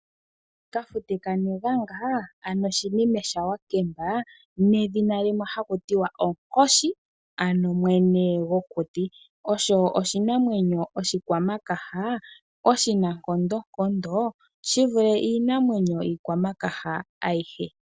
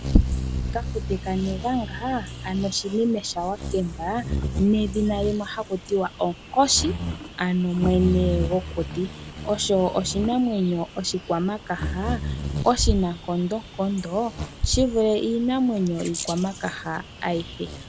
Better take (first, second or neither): first